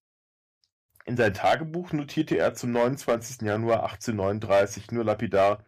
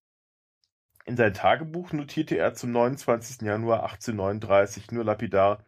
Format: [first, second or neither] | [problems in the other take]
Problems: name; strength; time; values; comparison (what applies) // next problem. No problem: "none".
second | distortion; slight; 3% of the sound clipped